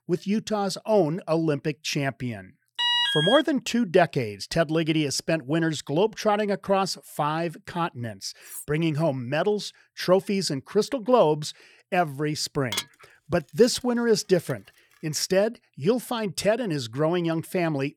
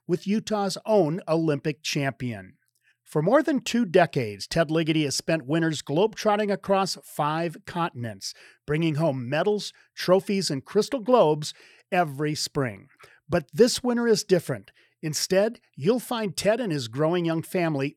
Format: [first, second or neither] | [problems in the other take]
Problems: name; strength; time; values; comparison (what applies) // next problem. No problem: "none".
second | alarm; loud; at 3 s; peak 4 dB above the speech // clattering dishes; faint; at 8.5 s; peak 15 dB below the speech // clattering dishes; noticeable; from 13 to 15 s; peak 5 dB below the speech